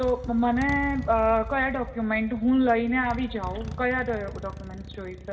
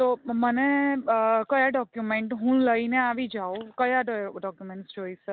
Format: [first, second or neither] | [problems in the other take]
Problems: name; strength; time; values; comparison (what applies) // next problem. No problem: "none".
second | background sound (Motorcycle); 11 dB below the speech // room echo; dies away in 2.2 s